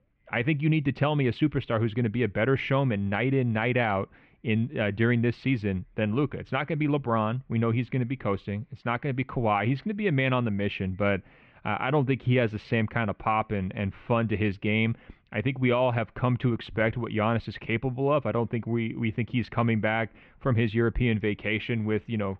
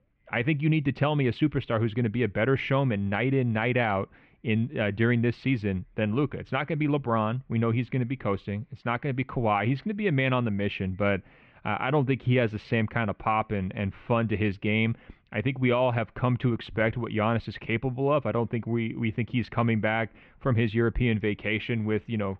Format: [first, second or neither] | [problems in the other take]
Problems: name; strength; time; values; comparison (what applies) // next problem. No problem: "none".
neither | muffled; very; fading above 2.5 kHz; the same in both